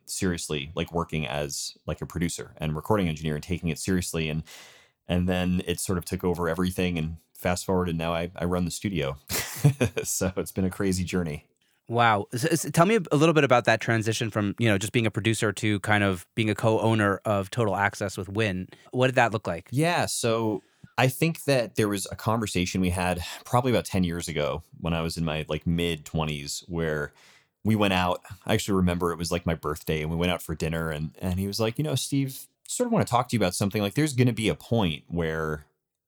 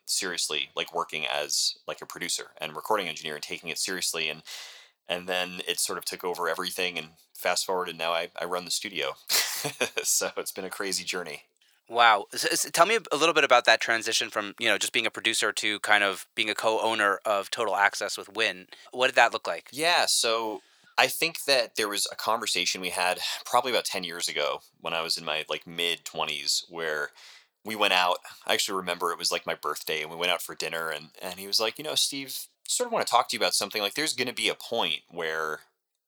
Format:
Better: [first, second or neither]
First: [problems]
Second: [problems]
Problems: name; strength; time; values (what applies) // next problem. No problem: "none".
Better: first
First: none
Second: thin; very; fading below 600 Hz